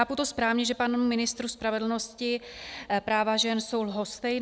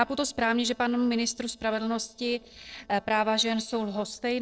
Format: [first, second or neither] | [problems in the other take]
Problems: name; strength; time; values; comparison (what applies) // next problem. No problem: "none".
first | noise reduction (neural separator model SepFormer DNS4)